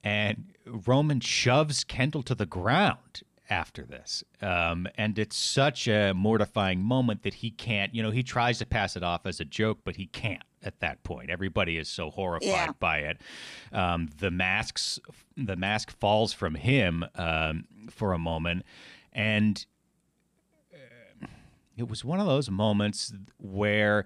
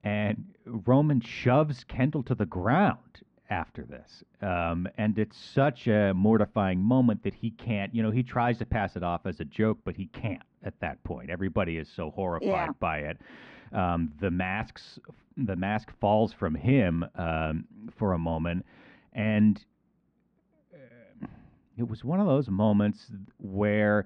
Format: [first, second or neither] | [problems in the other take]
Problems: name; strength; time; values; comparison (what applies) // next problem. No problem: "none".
first | muffled; very; fading above 1.5 kHz